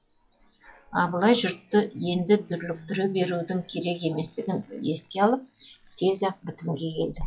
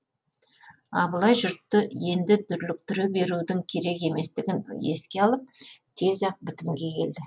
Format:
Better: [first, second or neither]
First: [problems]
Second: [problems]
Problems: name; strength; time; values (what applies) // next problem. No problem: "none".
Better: second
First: noise reduction (classical method log-MMSE)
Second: none